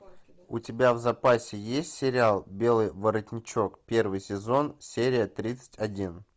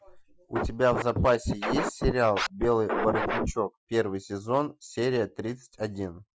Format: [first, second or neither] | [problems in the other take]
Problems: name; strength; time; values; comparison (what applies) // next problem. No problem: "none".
first | noise reduction (classical method Wiener filter)